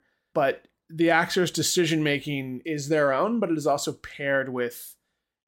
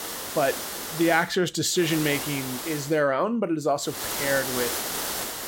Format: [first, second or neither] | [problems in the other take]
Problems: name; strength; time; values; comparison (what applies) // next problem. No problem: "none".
first | hiss; loud; until 1 s, from 2 to 3 s and from 4 s on; 5 dB below the speech